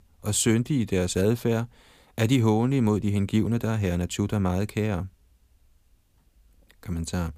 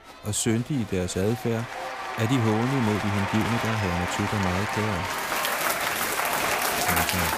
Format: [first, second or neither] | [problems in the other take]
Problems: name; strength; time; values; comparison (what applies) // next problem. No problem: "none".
first | crowd noise; very loud; throughout; as loud as the speech